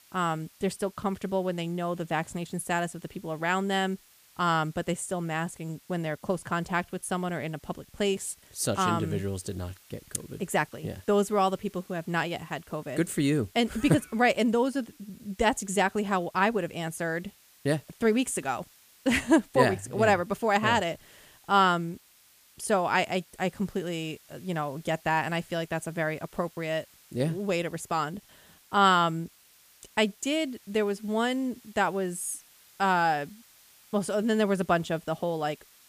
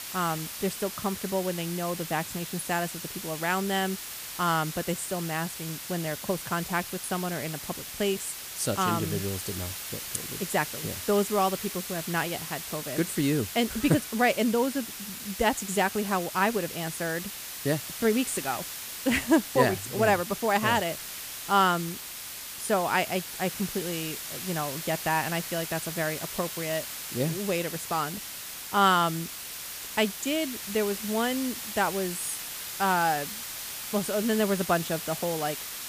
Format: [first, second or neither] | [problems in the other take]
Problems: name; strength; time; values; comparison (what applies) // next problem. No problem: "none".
first | hiss; loud; throughout; 7 dB below the speech; faint in the first